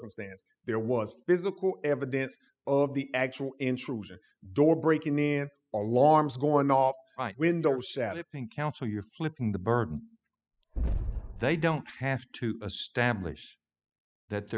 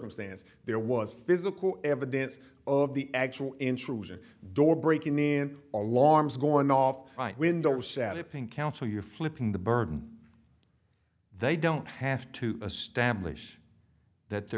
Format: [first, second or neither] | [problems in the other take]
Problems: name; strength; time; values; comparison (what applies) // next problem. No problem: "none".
second | noise reduction (classical method spectral subtraction)